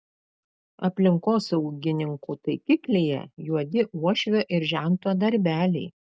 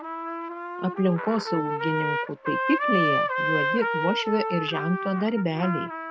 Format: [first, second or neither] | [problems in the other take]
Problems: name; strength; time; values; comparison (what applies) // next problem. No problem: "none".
first | background sound (Trumpet); 1 dB below the speech